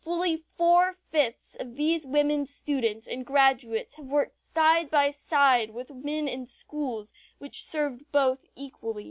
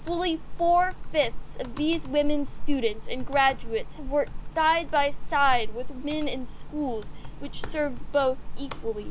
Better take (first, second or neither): first